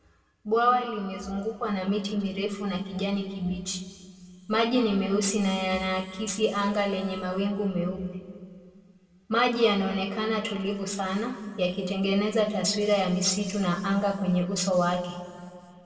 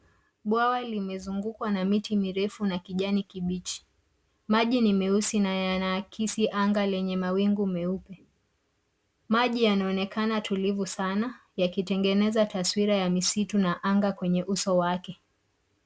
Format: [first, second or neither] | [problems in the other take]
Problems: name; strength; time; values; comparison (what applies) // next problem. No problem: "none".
second | room echo; dies away in 1.7 s